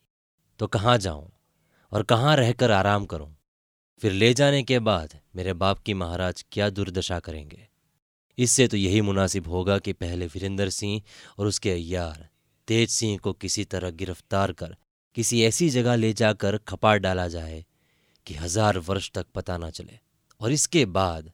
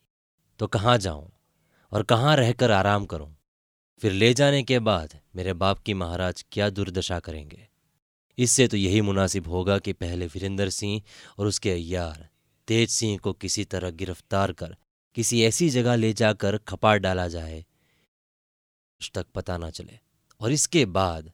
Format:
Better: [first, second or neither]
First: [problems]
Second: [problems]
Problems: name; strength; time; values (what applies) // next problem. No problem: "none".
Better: first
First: none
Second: audio cutting out; at 18 s for 1 s